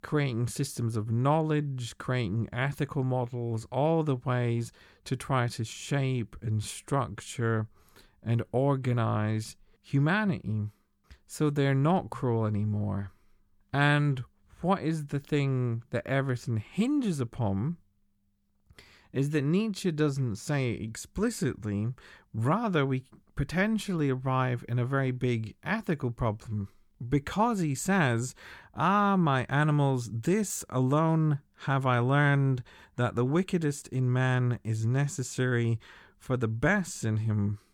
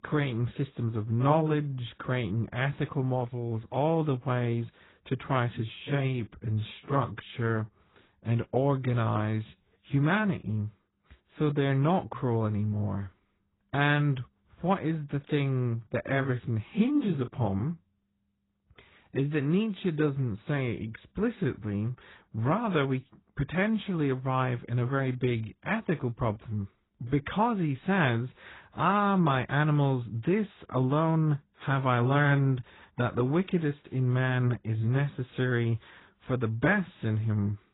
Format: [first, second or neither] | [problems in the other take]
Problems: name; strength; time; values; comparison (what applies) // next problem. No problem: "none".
first | garbled, watery; badly; nothing above 4 kHz